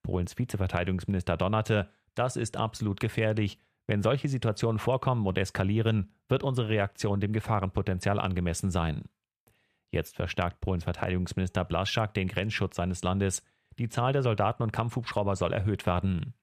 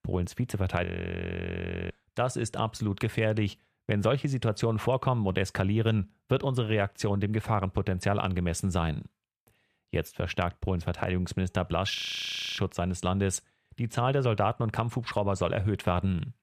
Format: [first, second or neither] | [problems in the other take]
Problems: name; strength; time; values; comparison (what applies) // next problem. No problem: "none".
first | audio freezing; at 1 s for 1 s and at 12 s for 0.5 s